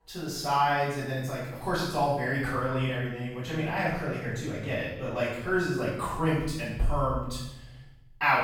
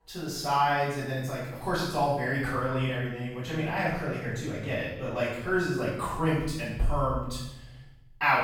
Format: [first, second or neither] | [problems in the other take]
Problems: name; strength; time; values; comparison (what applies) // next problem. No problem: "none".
neither | off-mic speech; far; the same in both // room echo; strong; dies away in 0.9 s; the same in both